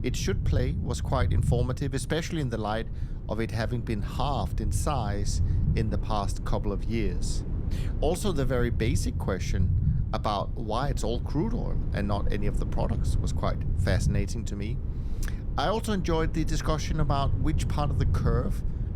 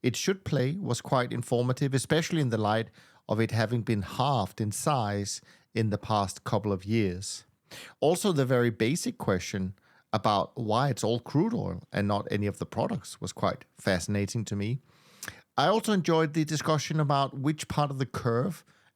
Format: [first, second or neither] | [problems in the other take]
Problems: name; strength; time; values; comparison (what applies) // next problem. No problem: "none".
second | low rumble; noticeable; throughout; 10 dB below the speech